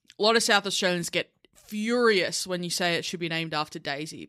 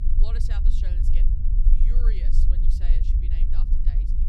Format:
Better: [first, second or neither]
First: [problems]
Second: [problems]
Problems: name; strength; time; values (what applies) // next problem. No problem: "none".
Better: first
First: none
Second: low rumble; loud; throughout; as loud as the speech